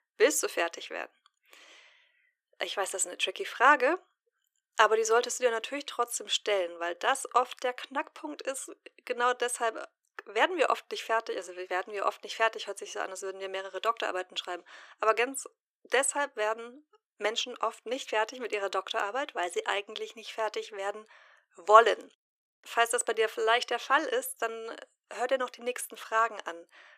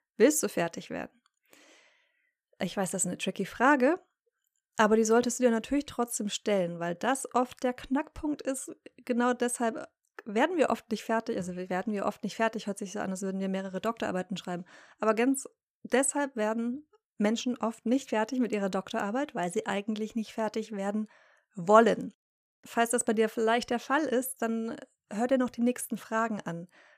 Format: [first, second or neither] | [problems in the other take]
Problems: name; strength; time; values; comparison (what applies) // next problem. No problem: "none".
second | thin; very; fading below 350 Hz